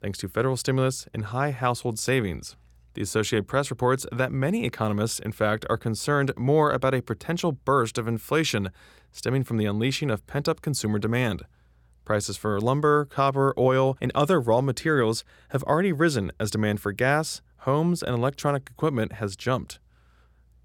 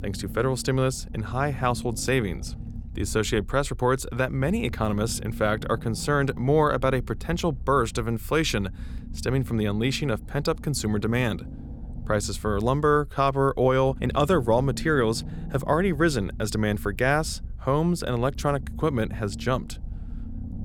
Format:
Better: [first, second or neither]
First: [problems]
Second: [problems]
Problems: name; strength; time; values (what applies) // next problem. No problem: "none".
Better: first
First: none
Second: low rumble; faint; throughout; 20 dB below the speech